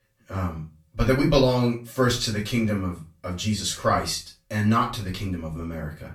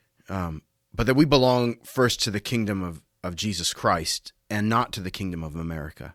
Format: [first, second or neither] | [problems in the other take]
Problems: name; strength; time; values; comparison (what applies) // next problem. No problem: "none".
second | off-mic speech; far // room echo; slight; dies away in 0.3 s